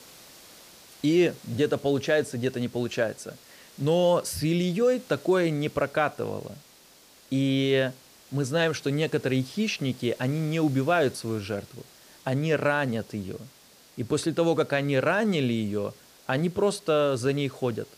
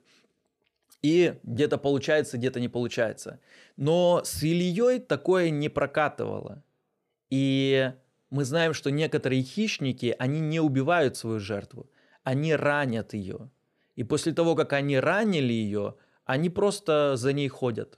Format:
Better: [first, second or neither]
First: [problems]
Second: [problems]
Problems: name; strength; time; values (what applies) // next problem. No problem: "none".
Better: second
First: hiss; faint; throughout; 25 dB below the speech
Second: none